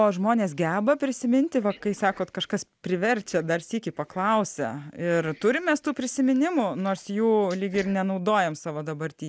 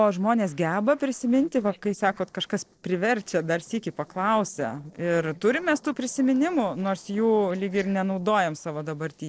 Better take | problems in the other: first | noise reduction (neural separator model SepFormer DNS4)

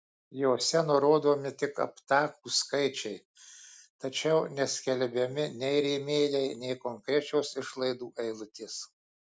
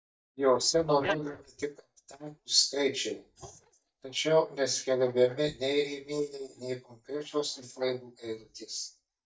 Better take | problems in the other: first | noise reduction (neural mask model DeepFilterNet 3)

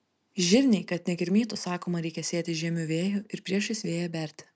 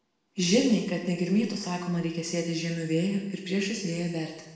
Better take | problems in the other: first | room echo; dies away in 0.9 s

